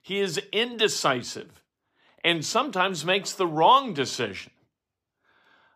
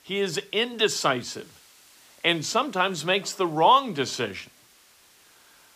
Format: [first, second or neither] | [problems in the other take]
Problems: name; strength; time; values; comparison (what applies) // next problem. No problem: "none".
first | hiss; faint; throughout; 30 dB below the speech